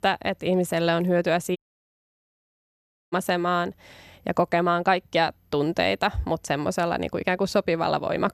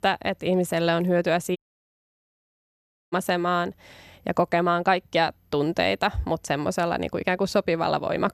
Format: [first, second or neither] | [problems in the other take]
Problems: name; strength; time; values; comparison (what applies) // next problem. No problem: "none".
neither | audio cutting out; at 1.5 s for 1.5 s; the same in both